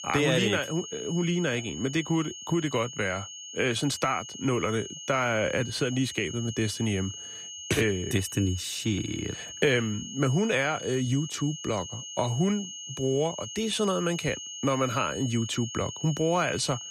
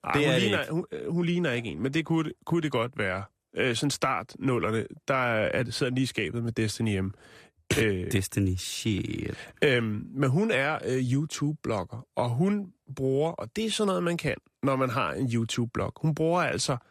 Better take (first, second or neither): second